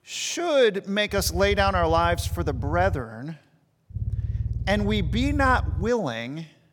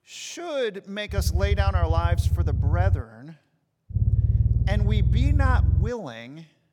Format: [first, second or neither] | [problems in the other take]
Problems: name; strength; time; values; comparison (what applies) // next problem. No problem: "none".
first | low rumble; loud; from 1 to 3 s and from 4 to 6 s; 8 dB below the speech; faint in the first